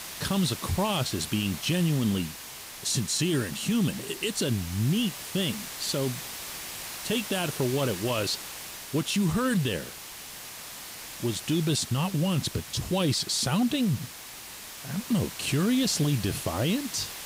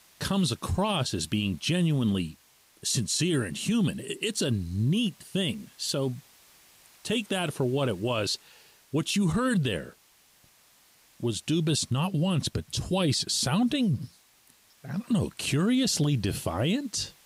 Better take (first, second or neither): second